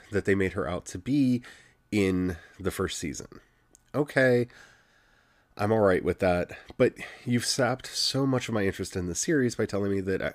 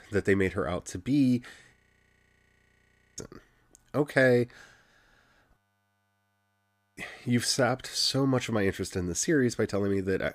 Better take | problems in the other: first | audio freezing; at 2 s for 1.5 s and at 5.5 s for 1.5 s

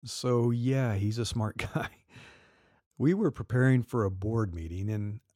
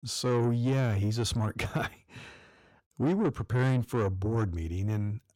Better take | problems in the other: first | distortion; slight; 10 dB below the speech

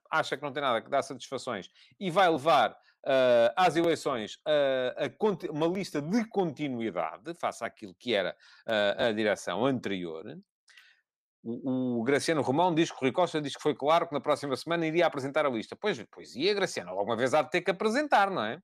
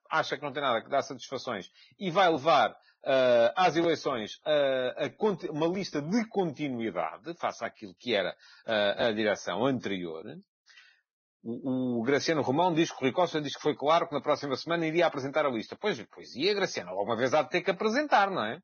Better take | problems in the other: first | garbled, watery; badly; nothing above 6.5 kHz

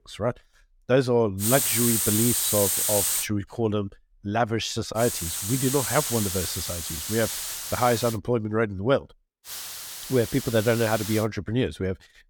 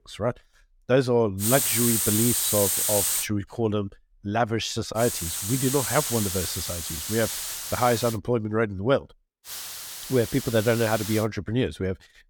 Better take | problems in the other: neither | hiss; loud; from 1.5 to 3 s, from 5 to 8 s and from 9.5 to 11 s; as loud as the speech; the same in both

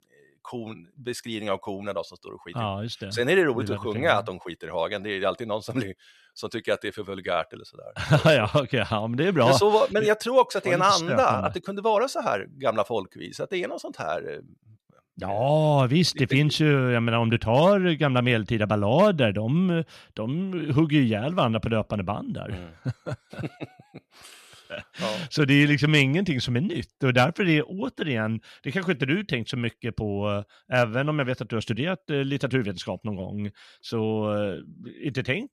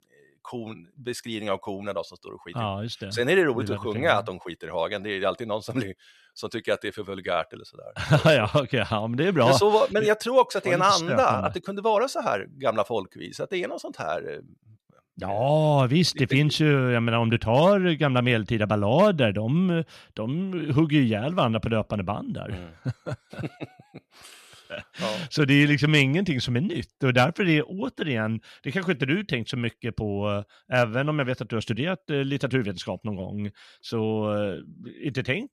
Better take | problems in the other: neither | none

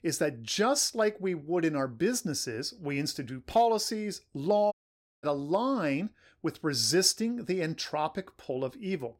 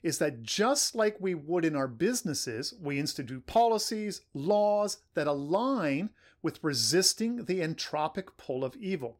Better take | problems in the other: second | audio cutting out; at 4.5 s for 0.5 s

